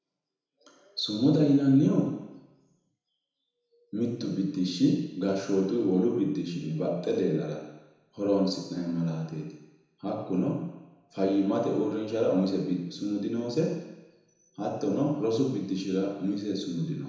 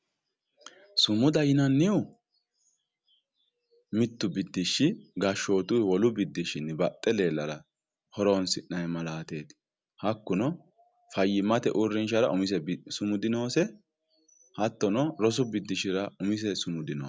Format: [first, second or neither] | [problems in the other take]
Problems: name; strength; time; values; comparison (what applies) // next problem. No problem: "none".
second | room echo; dies away in 1 s